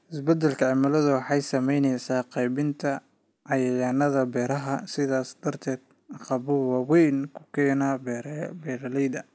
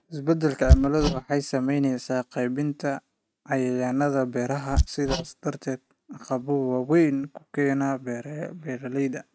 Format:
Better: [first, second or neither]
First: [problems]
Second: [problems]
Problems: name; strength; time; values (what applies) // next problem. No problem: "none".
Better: first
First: none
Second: noise reduction (neural mask model RNNoise)